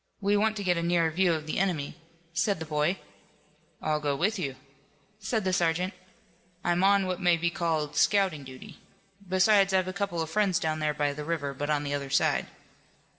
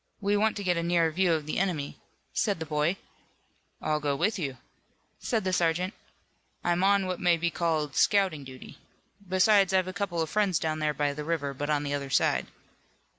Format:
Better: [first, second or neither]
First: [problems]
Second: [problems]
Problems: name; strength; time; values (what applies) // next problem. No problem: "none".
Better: second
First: room echo; dies away in 0.7 s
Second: none